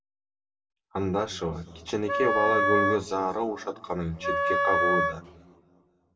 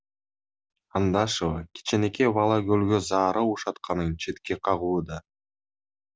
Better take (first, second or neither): second